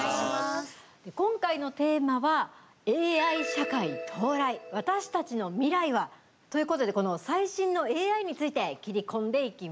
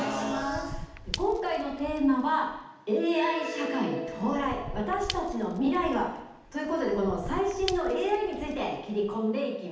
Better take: first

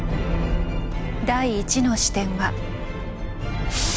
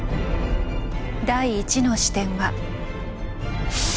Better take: second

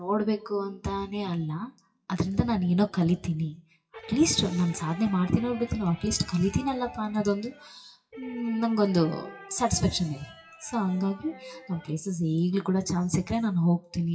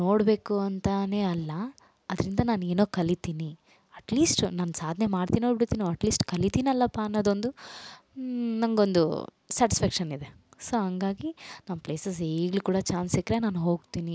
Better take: second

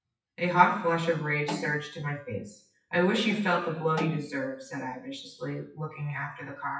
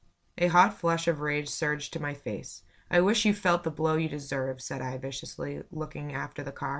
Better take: second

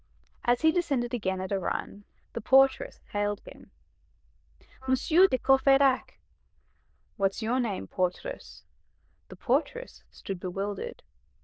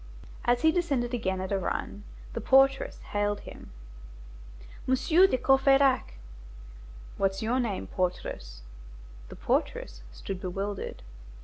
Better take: second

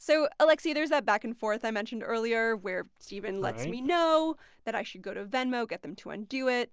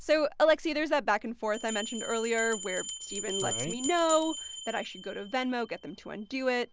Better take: first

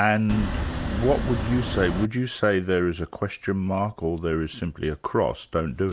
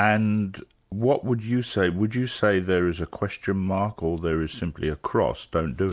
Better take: second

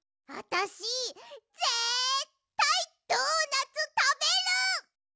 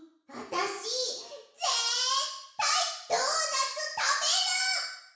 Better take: first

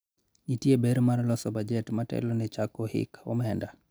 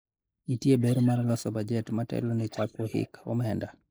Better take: first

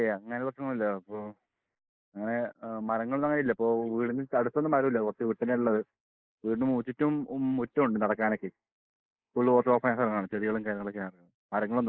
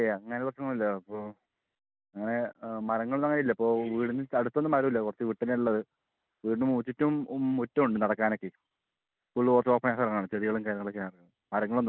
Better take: second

